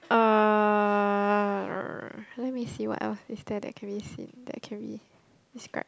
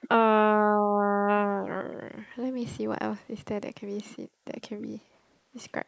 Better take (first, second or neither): first